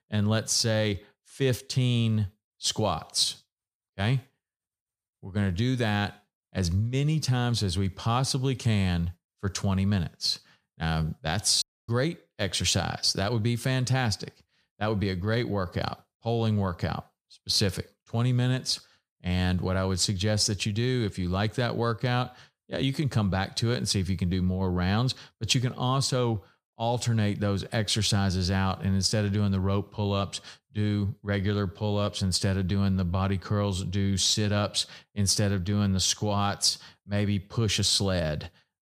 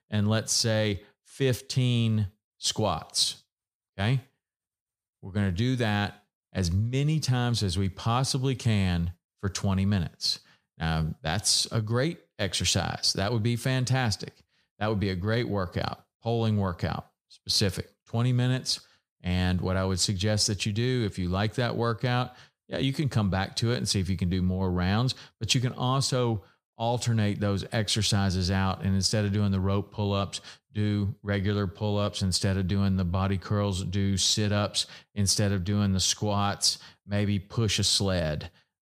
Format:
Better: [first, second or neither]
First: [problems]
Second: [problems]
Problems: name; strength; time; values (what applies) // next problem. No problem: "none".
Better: second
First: audio cutting out; at 12 s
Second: none